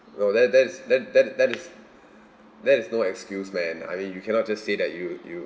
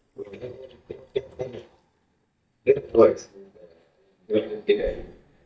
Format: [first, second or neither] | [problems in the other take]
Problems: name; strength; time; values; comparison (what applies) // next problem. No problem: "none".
first | noise reduction (neural mask model DeepFilterNet 3)